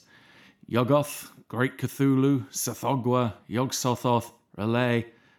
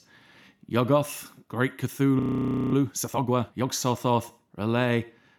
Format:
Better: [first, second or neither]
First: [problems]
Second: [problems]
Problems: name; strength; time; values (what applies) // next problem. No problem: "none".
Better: first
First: none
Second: audio freezing; at 2 s for 0.5 s